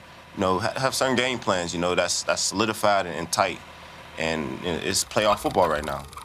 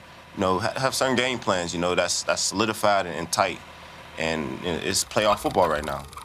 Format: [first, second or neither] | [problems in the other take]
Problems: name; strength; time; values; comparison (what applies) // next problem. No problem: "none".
neither | traffic noise; noticeable; throughout; 15 dB below the speech; the same in both